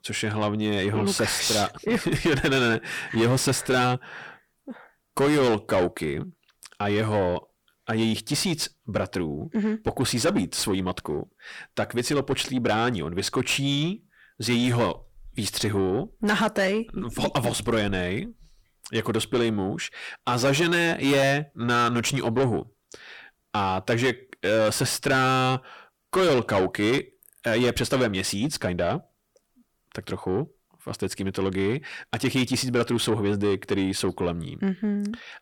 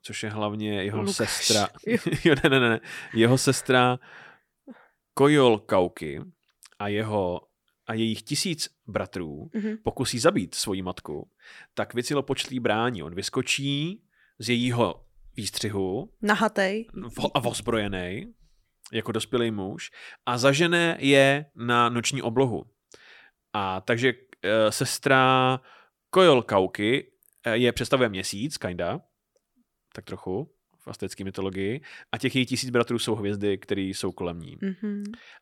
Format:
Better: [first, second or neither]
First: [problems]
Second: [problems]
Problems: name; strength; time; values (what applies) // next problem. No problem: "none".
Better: second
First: distortion; heavy; 6 dB below the speech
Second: none